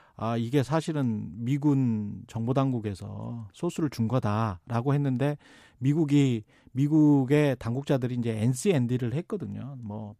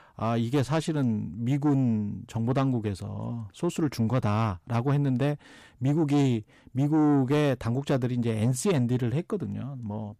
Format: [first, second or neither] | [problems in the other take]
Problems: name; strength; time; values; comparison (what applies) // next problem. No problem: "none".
first | distortion; slight; 10 dB below the speech